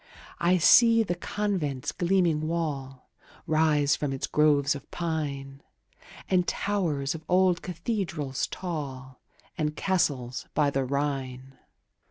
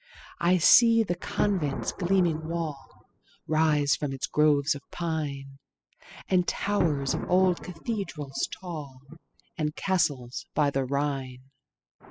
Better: first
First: none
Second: noise reduction (classical method spectral subtraction)

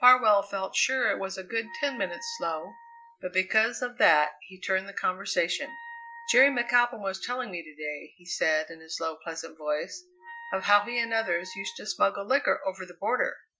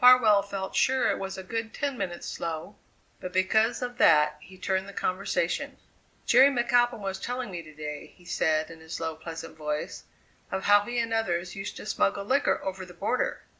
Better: second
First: noise reduction (classical method Wiener filter)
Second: none

